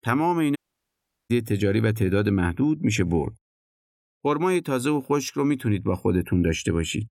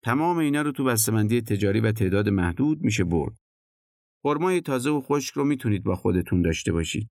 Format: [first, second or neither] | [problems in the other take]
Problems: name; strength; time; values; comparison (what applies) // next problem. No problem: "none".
second | audio cutting out; at 0.5 s for 0.5 s